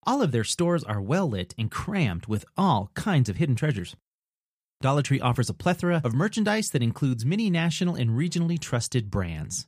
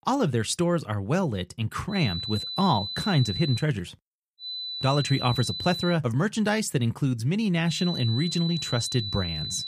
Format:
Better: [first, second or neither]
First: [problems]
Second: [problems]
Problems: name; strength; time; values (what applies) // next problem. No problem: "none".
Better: first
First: none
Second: high-pitched whine; loud; from 2 to 3.5 s, from 4.5 to 6 s and from 7.5 s on; 4 kHz, 5 dB below the speech